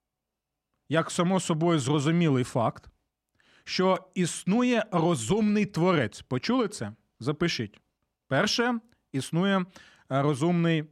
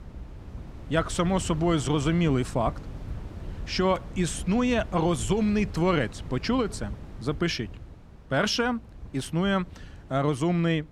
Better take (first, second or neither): first